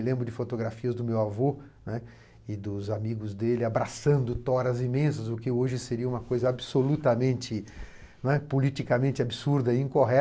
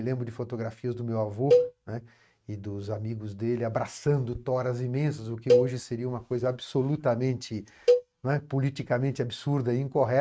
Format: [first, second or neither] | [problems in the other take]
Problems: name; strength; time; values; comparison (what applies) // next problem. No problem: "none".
first | noise reduction (neural mask model RNNoise)